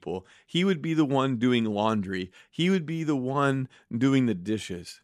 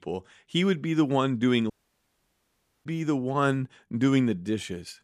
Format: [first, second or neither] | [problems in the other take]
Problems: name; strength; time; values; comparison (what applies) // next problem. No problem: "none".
first | audio cutting out; at 1.5 s for 1 s